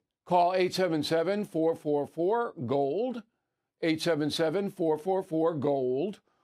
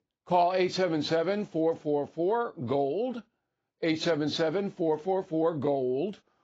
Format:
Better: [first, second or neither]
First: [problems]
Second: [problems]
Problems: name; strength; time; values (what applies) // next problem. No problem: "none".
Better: first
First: none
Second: garbled, watery; badly; nothing above 7.5 kHz